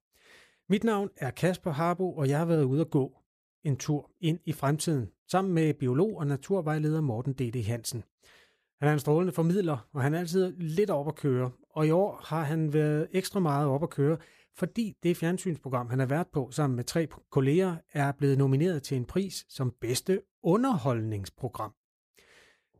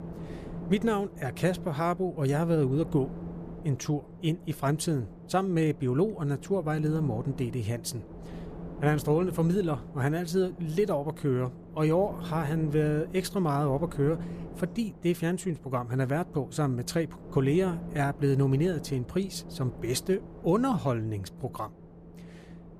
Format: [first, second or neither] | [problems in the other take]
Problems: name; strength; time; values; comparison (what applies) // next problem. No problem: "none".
first | wind noise on the microphone; occasional gusts; 15 dB below the speech